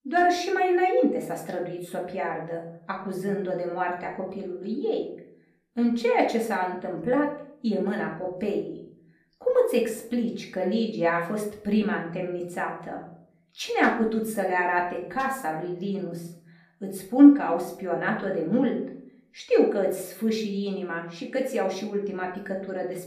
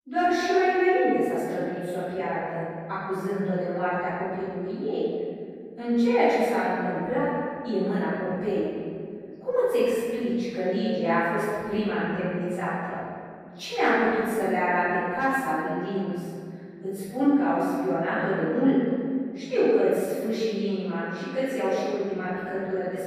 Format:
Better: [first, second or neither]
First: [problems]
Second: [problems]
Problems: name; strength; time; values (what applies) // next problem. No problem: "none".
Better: first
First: room echo; slight; dies away in 0.5 s // off-mic speech; far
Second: room echo; strong; dies away in 2.2 s // off-mic speech; far